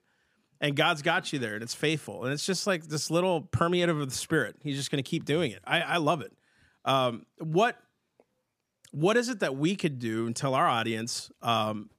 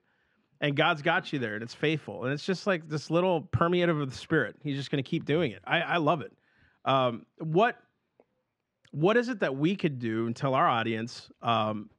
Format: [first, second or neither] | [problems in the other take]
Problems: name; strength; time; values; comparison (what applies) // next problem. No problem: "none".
first | muffled; slightly; fading above 3 kHz